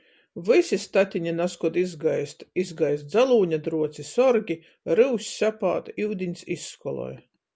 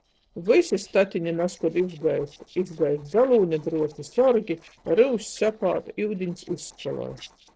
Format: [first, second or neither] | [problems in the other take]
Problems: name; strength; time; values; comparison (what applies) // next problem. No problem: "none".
first | noise reduction (neural separator model SepFormer DNS4)